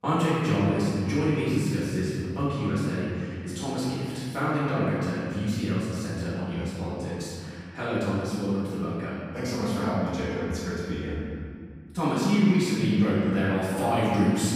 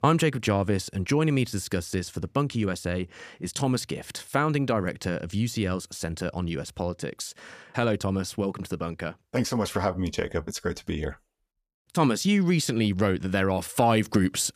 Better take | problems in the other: second | off-mic speech; far // room echo; strong; dies away in 2.4 s

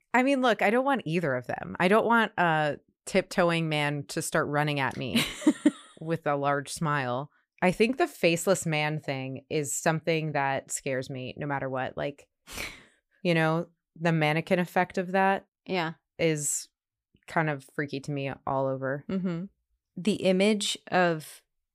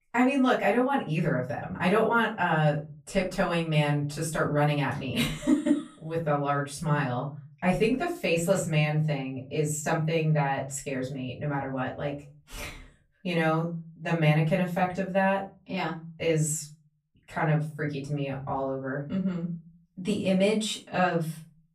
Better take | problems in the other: first | room echo; slight; dies away in 0.4 s // off-mic speech; far

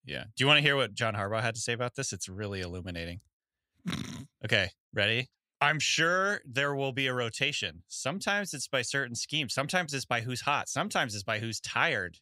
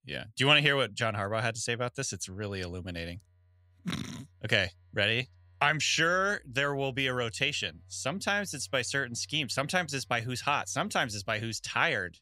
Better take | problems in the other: first | alarms or sirens; faint; throughout; 30 dB below the speech

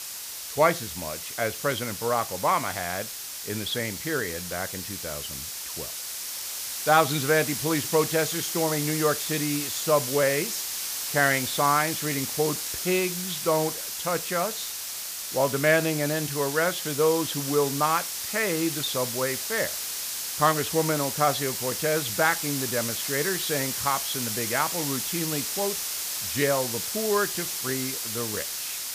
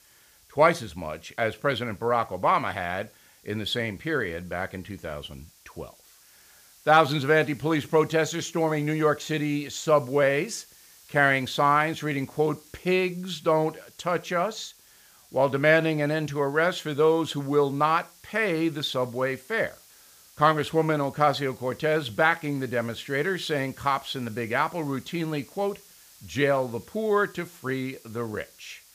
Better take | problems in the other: second | hiss; loud; throughout; 3 dB below the speech; faint in the second

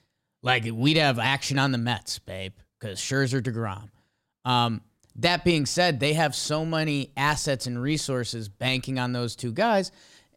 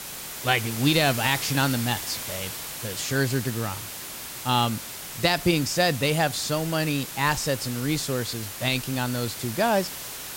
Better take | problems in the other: first | hiss; loud; throughout; 8 dB below the speech

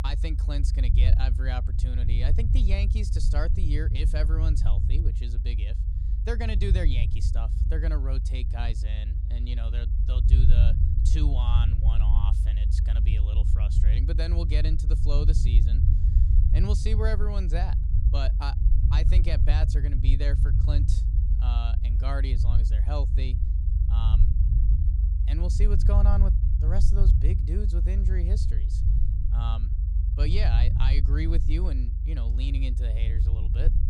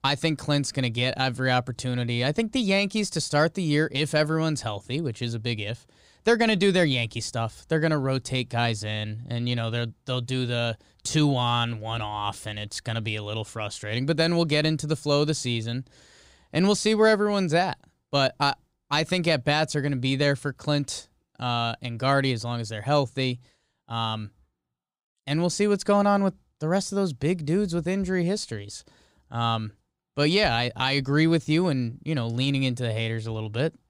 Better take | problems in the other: second | low rumble; loud; throughout; 4 dB below the speech

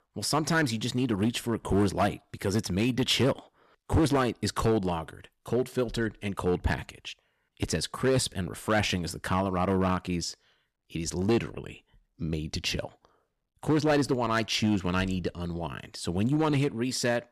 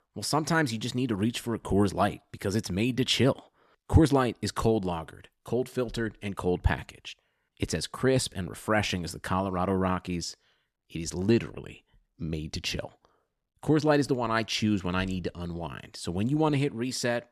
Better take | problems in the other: second | distortion; slight; 4% of the sound clipped

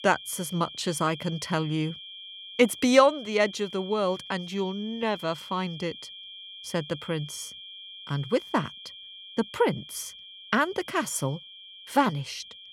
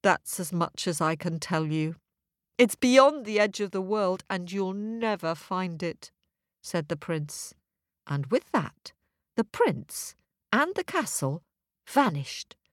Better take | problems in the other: second | high-pitched whine; noticeable; throughout; 3 kHz, 15 dB below the speech

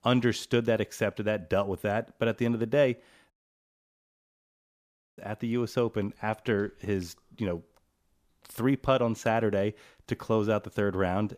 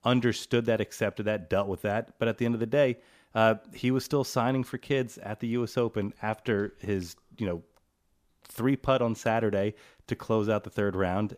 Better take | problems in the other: second | audio cutting out; at 3.5 s for 2 s

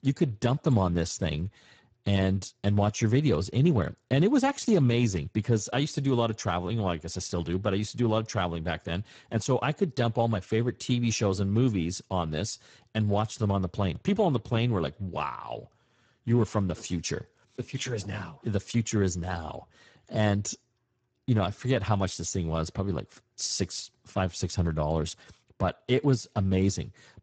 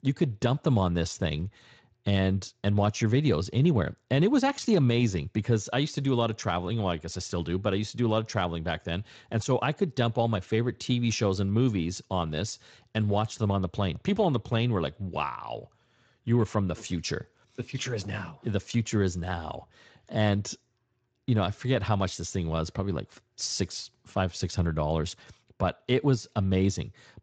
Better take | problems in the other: second | garbled, watery; badly; nothing above 7.5 kHz; slightly in the second

